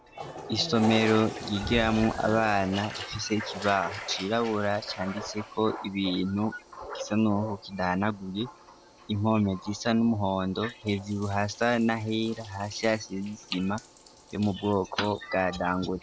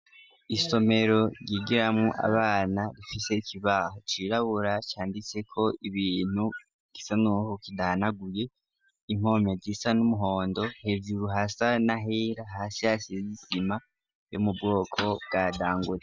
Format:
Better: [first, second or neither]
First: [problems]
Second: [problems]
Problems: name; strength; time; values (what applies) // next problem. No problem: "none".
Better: second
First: background sound (Toilet flush); 13 dB below the speech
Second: none